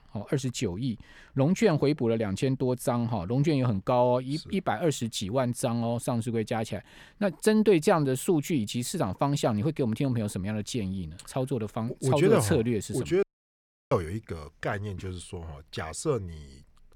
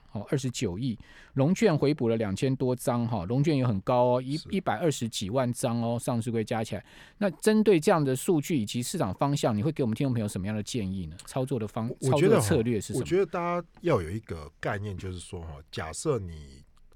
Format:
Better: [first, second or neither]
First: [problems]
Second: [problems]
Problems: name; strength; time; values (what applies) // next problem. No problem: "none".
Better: second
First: audio cutting out; at 13 s for 0.5 s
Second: none